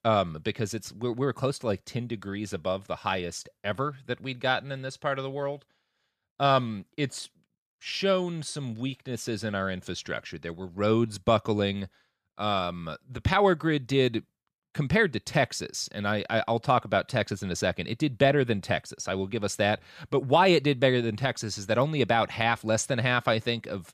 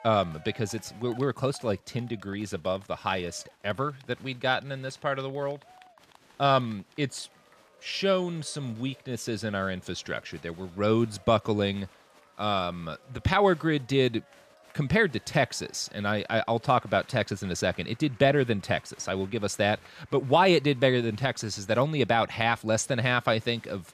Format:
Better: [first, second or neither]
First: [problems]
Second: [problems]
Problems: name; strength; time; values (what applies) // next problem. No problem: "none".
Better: first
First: none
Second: crowd noise; faint; throughout; 25 dB below the speech